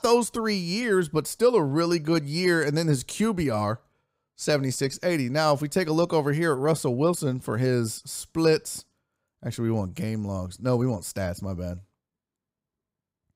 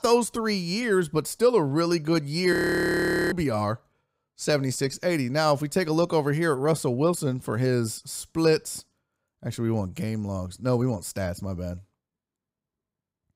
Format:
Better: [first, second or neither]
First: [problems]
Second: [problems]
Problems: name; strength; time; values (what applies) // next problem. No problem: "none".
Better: first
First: none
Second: audio freezing; at 2.5 s for 1 s